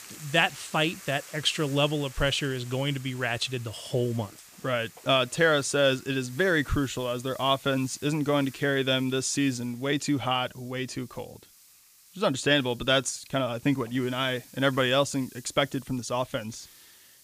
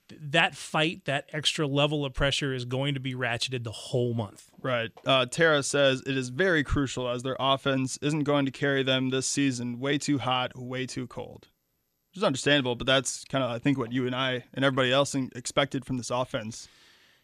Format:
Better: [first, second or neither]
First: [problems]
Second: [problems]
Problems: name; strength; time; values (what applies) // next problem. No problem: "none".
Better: second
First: hiss; faint; throughout; 20 dB below the speech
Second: none